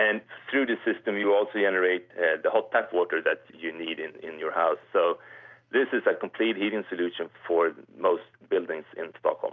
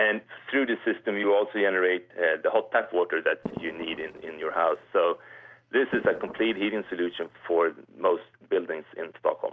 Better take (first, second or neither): first